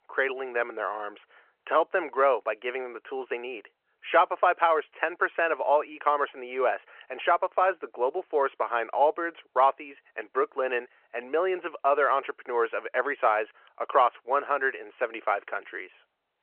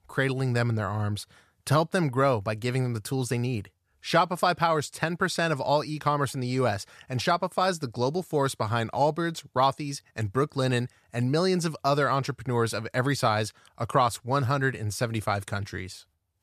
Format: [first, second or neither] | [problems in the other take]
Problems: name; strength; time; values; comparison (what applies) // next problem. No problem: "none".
second | phone-call audio